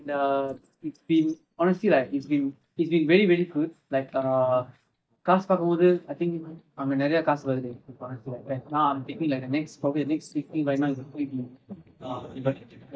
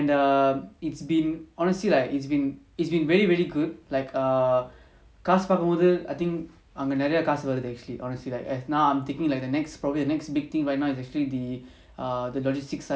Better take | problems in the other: second | noise reduction (neural mask model DeepFilterNet 3)

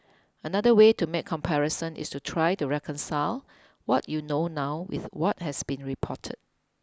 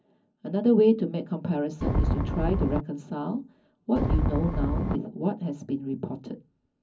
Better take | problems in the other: first | background sound (Wind); 3 dB above the speech // room echo; dies away in 0.4 s

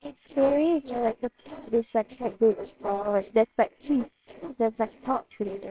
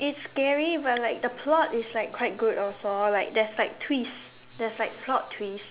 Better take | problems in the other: second | noise reduction (neural separator model SepFormer WHAMR!)

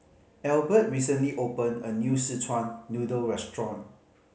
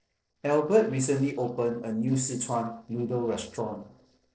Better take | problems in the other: first | noise reduction (neural separator model SepFormer DNS4)

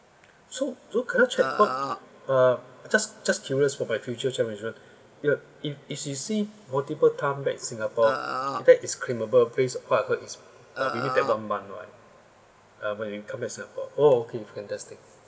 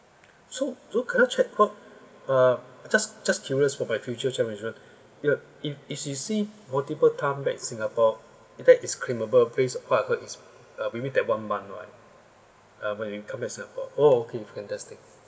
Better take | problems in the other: second | background sound (Burping, eructation); 5 dB below the speech

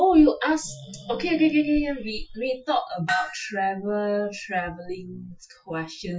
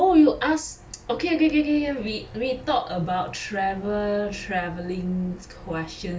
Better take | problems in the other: second | noise reduction (classical method Wiener filter)

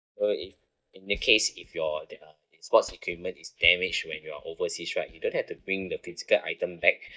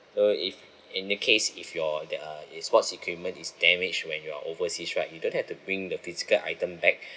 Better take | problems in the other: second | noise reduction (neural mask model DeepFilterNet 3)

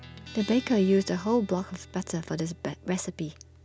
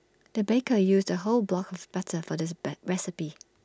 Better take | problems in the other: second | background sound (Guitar); 18 dB below the speech

